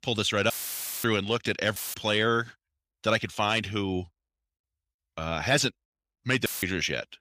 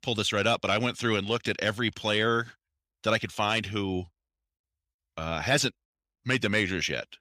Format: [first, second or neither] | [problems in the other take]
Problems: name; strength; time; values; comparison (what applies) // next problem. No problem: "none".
second | audio cutting out; filled with static; at 0.5 s for 0.5 s, at 2 s and at 6.5 s